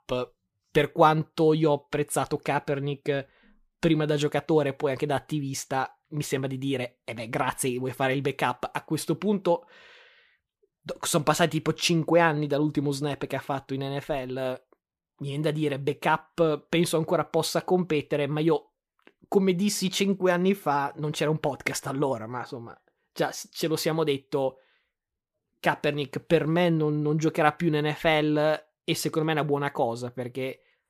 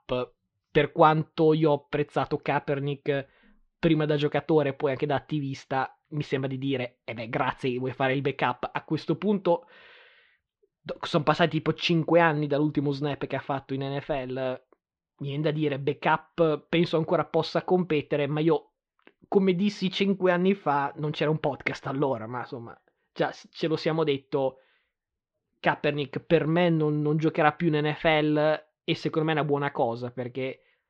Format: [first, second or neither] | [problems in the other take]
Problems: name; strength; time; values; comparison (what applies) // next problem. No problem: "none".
first | muffled; slightly; fading above 4 kHz